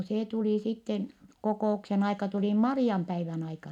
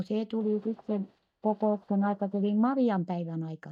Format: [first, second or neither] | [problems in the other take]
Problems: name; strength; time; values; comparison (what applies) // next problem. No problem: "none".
first | noise reduction (neural mask model DeepFilterNet 3)